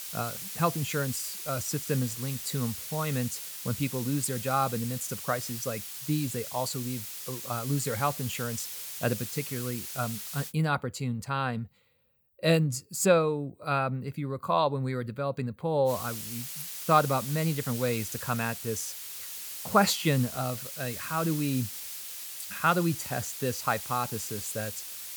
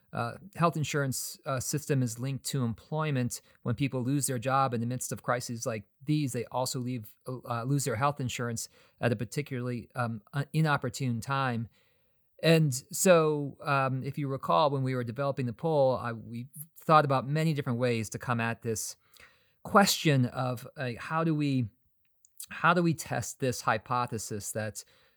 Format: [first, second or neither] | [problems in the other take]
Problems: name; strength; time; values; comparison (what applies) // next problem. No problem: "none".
second | hiss; loud; until 11 s and from 16 s on; 6 dB below the speech